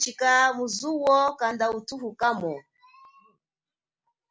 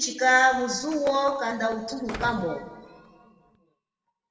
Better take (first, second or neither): first